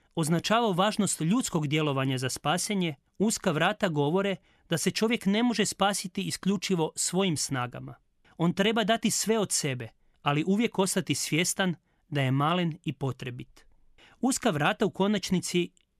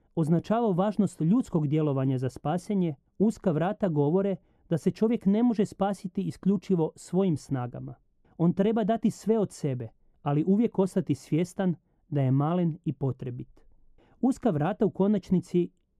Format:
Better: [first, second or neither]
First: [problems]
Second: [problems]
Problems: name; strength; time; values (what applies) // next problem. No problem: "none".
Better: first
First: none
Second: muffled; very; fading above 1 kHz